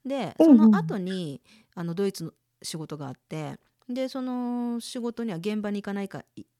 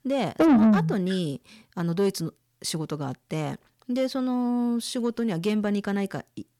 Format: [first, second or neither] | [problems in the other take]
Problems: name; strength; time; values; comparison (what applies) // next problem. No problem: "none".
first | distortion; heavy; 7 dB below the speech